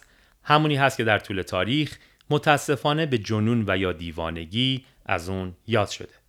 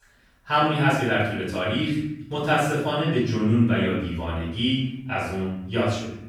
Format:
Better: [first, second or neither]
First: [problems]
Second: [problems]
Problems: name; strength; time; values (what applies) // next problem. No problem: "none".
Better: first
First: none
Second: off-mic speech; far // room echo; strong; dies away in 0.8 s